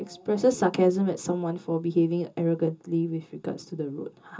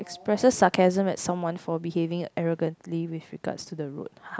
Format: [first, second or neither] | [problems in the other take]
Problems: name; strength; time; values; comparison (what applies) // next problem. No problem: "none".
second | room echo; dies away in 0.2 s